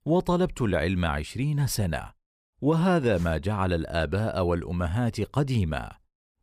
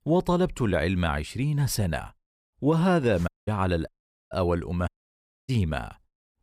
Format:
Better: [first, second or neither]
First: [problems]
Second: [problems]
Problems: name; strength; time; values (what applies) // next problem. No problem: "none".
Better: first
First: none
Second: audio cutting out; at 3.5 s, at 4 s and at 5 s for 0.5 s